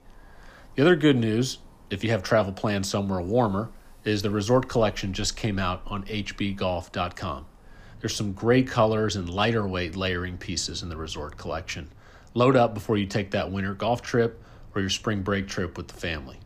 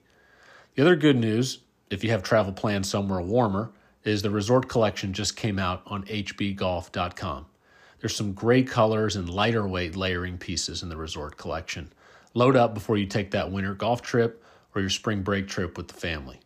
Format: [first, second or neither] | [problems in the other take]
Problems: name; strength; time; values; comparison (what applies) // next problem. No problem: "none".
second | wind in the background; faint; throughout; 25 dB below the speech